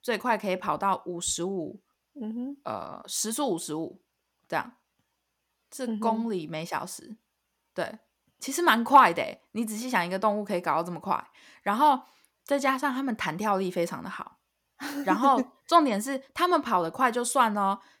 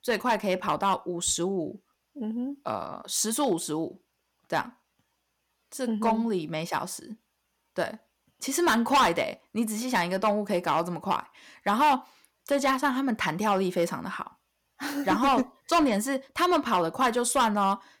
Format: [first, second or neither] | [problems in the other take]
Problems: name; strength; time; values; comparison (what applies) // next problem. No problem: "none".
first | distortion; heavy; 4% of the sound clipped